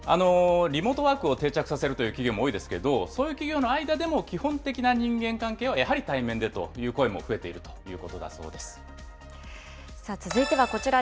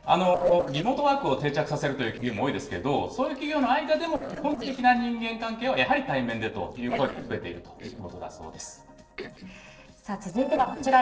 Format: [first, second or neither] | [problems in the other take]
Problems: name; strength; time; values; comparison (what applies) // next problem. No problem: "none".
first | noise reduction (neural separator model SepFormer DNS4)